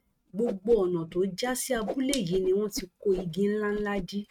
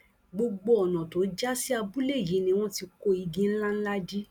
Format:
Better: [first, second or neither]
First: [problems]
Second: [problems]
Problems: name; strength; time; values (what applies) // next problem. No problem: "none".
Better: second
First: noise reduction (neural mask model RNNoise)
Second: none